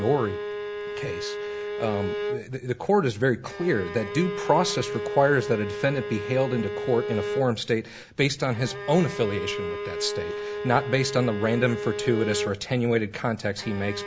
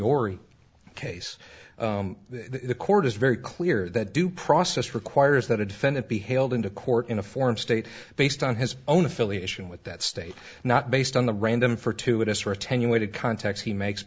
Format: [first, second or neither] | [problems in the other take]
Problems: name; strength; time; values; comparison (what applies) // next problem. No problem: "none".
second | background sound (Bowed string instrument); 7 dB below the speech